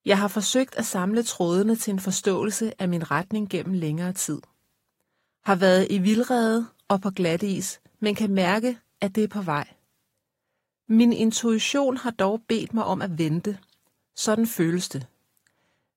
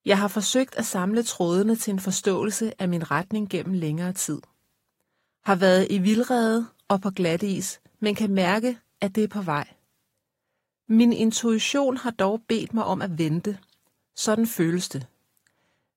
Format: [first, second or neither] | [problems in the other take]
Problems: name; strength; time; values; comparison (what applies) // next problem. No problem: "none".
neither | garbled, watery; slightly; nothing above 16 kHz; the same in both